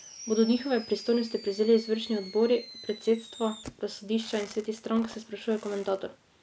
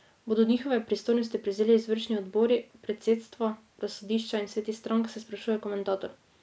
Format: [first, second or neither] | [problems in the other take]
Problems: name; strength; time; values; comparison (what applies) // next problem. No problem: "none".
second | background sound (Fireworks); 18 dB below the speech